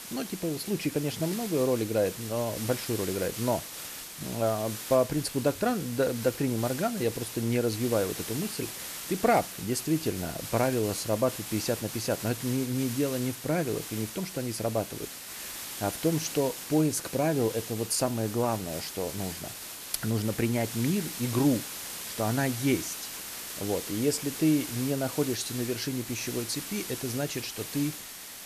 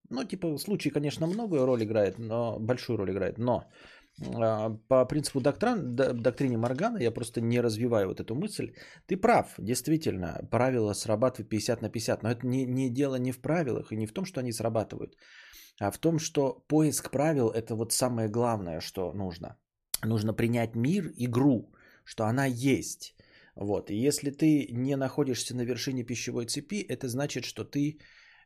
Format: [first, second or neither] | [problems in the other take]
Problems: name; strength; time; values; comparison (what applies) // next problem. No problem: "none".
second | hiss; loud; throughout; 7 dB below the speech